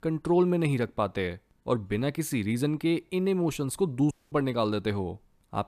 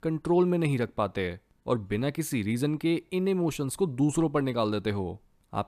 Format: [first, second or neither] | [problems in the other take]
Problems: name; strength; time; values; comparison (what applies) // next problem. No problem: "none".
second | audio cutting out; at 4 s